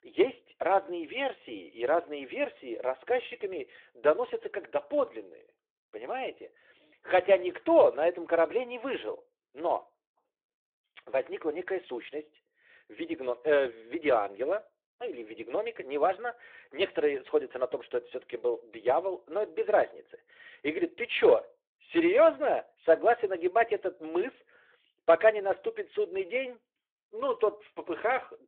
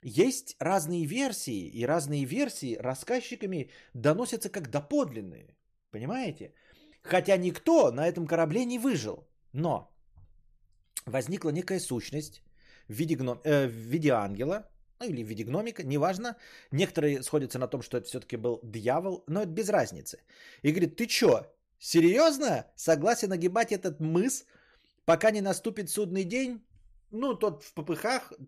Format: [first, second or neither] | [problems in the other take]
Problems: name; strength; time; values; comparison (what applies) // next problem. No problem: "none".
second | phone-call audio